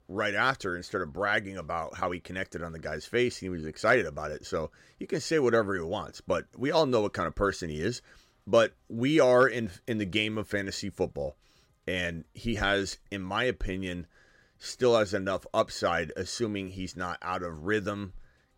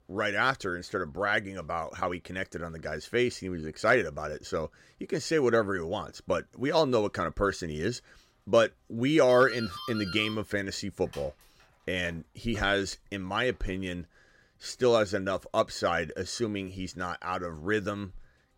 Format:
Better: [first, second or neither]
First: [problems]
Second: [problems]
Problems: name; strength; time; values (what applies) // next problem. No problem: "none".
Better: first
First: none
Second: doorbell; noticeable; from 9.5 to 14 s; peak 9 dB below the speech